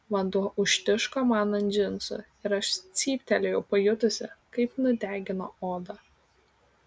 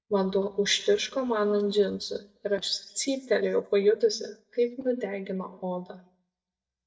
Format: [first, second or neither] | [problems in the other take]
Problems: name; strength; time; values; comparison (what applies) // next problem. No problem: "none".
first | noise reduction (neural mask model DeepFilterNet 3)